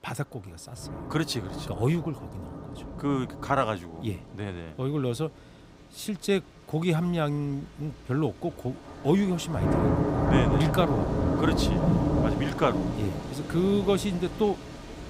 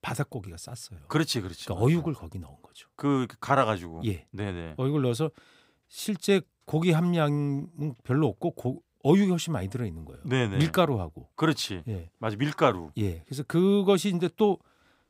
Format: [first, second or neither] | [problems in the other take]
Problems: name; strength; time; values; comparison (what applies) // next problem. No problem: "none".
second | rain or running water; very loud; throughout; as loud as the speech